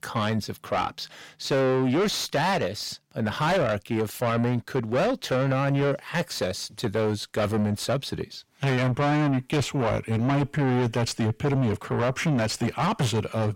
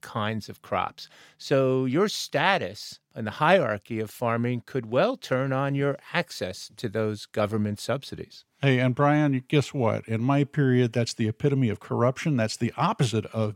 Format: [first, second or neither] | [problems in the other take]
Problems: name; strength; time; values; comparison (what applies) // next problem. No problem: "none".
second | distortion; heavy; 6 dB below the speech